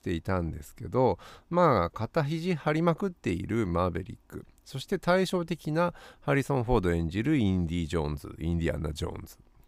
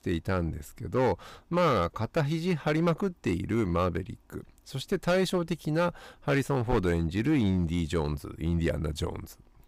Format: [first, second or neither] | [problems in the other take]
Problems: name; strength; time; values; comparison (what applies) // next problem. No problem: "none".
first | distortion; slight; 5% of the sound clipped